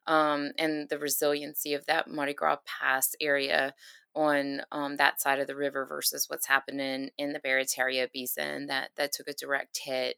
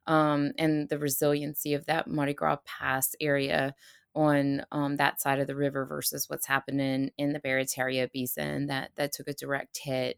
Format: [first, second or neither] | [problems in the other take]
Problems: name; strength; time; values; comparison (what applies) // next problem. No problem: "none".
second | thin; somewhat; fading below 400 Hz